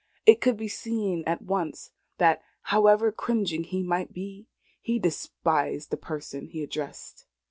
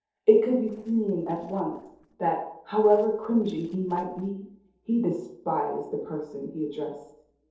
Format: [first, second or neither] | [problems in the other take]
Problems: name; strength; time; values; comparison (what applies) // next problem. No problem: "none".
first | noise reduction (neural separator model SepFormer DNS4)